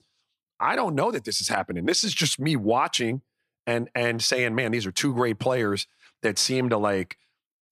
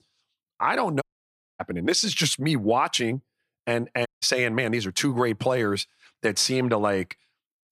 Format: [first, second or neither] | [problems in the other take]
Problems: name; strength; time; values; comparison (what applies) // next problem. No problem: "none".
first | audio cutting out; at 1 s for 0.5 s and at 4 s